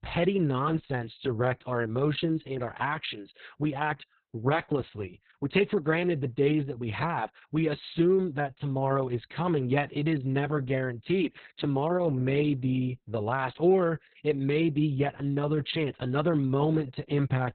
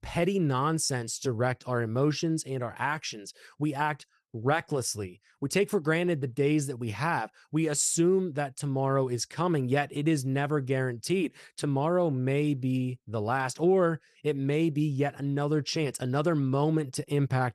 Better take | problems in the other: second | garbled, watery; badly; nothing above 4 kHz; slightly in the second

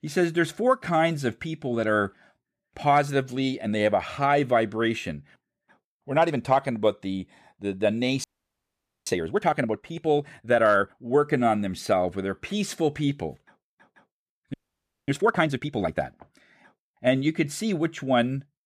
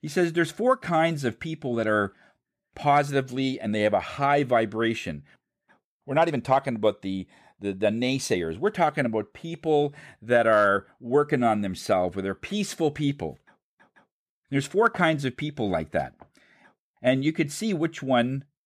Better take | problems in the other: second | audio freezing; at 8 s for 1 s and at 15 s for 0.5 s

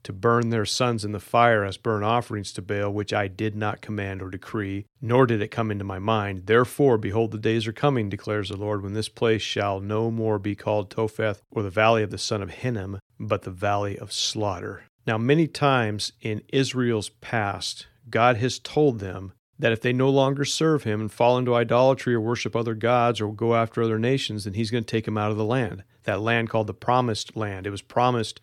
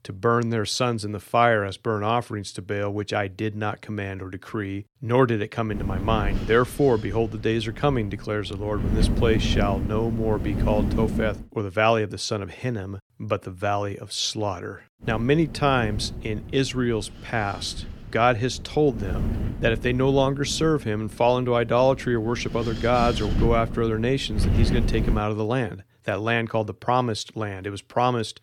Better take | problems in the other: first | wind noise on the microphone; occasional gusts; from 5.5 to 11 s and from 15 to 25 s; 15 dB below the speech

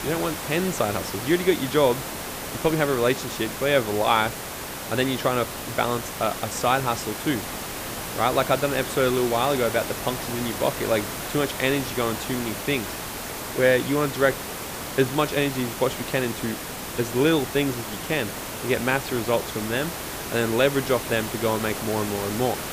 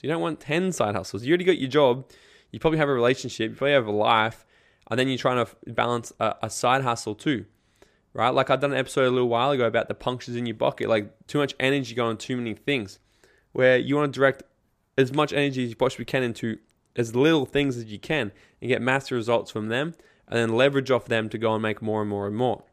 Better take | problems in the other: second | hiss; loud; throughout; 6 dB below the speech

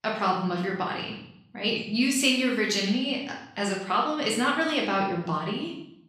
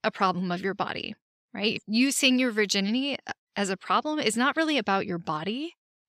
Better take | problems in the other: second | room echo; noticeable; dies away in 0.7 s // off-mic speech; far

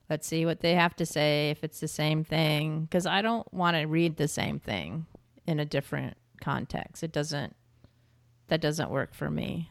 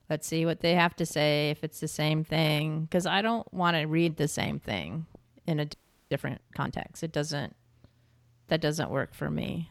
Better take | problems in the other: first | audio freezing; at 5.5 s

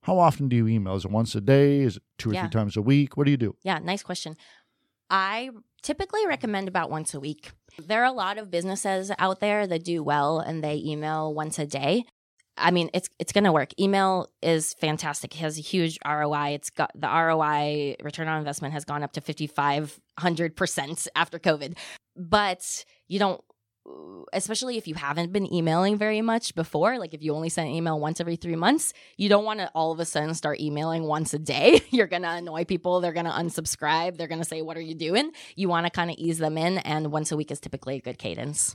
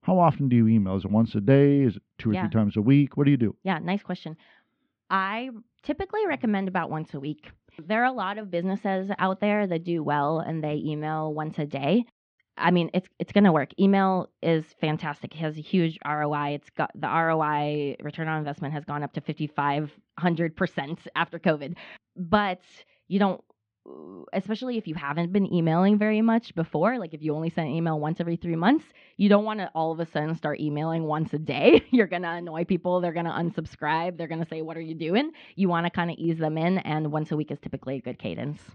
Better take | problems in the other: first | muffled; very; fading above 3 kHz

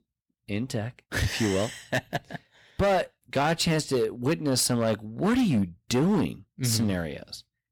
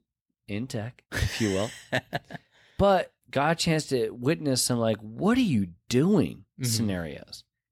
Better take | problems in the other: second | distortion; slight; 8% of the sound clipped

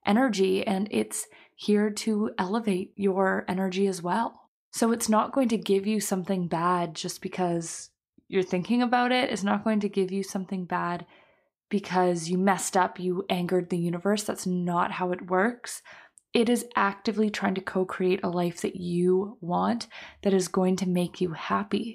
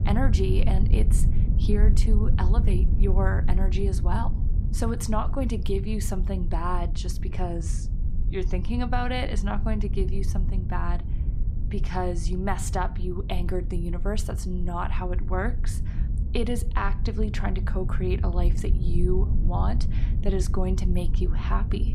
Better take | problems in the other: first | low rumble; noticeable; throughout; 10 dB below the speech

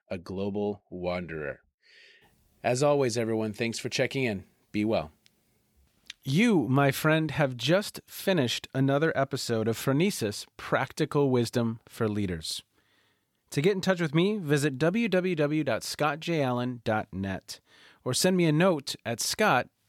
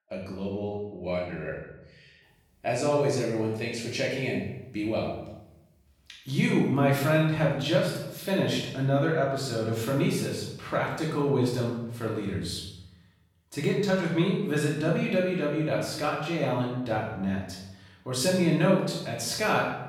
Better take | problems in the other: first | off-mic speech; far // room echo; noticeable; dies away in 0.8 s

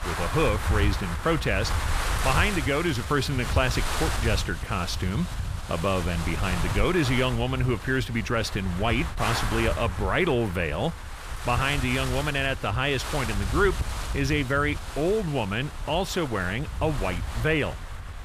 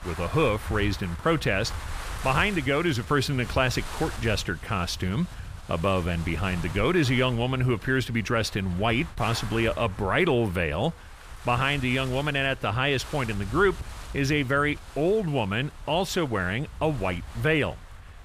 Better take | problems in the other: second | wind noise on the microphone; heavy; 7 dB below the speech; occasional gusts in the second

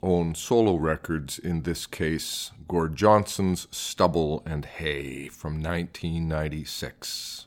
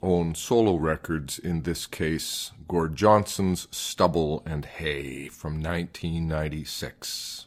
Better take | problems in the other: first | garbled, watery; slightly; nothing above 15 kHz

